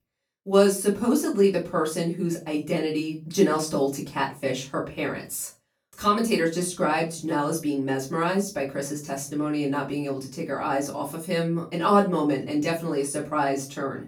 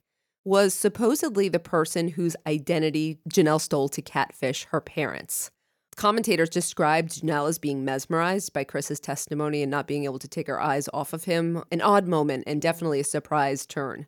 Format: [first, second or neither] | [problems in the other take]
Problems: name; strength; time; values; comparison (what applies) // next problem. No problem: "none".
second | off-mic speech; far // room echo; very slight; dies away in 0.3 s